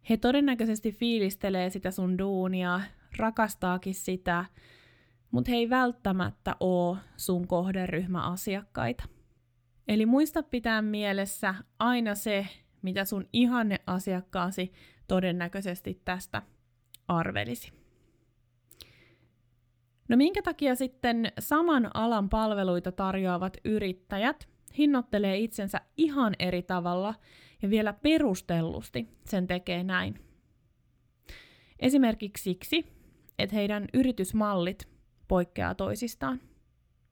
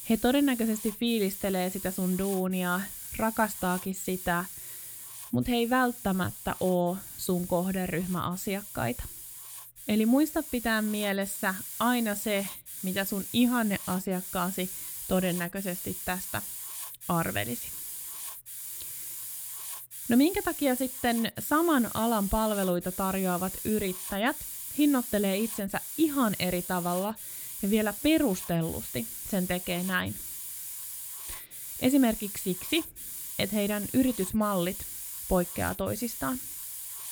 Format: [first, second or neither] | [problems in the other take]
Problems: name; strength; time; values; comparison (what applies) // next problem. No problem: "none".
first | hiss; loud; throughout; 8 dB below the speech